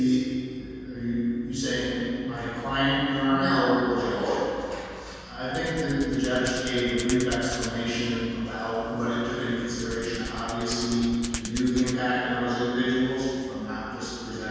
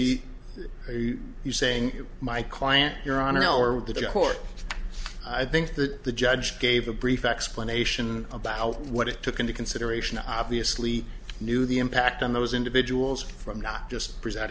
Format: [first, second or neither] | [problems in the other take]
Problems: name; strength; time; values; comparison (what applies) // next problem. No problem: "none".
second | background sound (Hands); 12 dB below the speech // room echo; dies away in 2.1 s